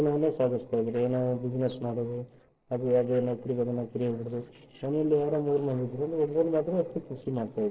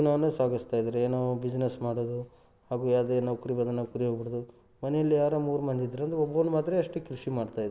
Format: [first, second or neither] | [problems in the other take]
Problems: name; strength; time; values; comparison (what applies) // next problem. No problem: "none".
second | noise reduction (neural separator model SepFormer DNS4)